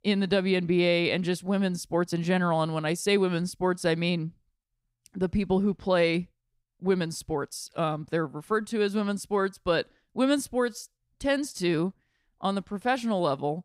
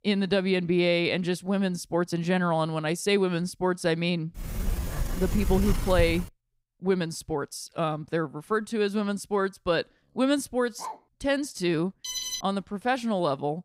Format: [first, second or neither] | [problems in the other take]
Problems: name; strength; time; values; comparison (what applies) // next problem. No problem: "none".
first | door banging; noticeable; from 4.5 to 6.5 s; peak 3 dB below the speech // dog barking; faint; at 11 s; peak 15 dB below the speech // alarm; noticeable; at 12 s; peak 3 dB below the speech